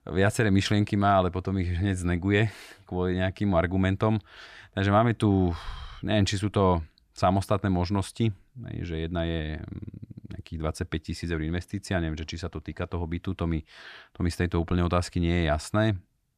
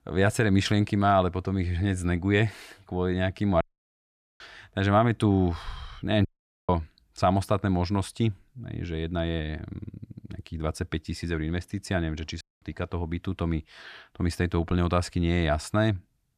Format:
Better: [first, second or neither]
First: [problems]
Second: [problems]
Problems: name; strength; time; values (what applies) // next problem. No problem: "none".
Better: first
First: none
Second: audio cutting out; at 3.5 s for 1 s, at 6.5 s and at 12 s